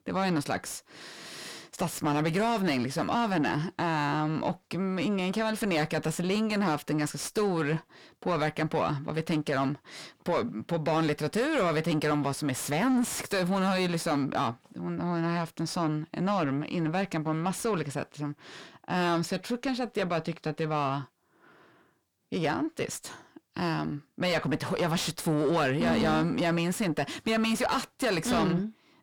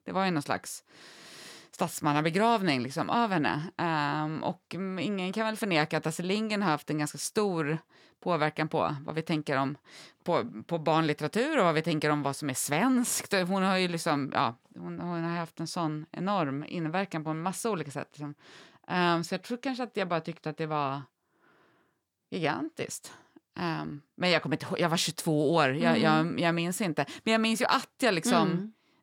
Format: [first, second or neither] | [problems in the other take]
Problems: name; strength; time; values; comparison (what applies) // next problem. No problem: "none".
second | distortion; heavy; 7 dB below the speech